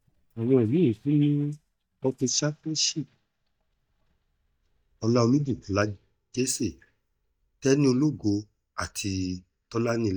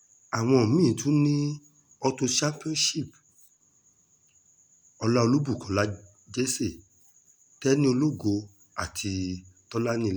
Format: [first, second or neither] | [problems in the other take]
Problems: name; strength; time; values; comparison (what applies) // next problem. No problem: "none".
second | noise reduction (neural mask model DeepFilterNet 3)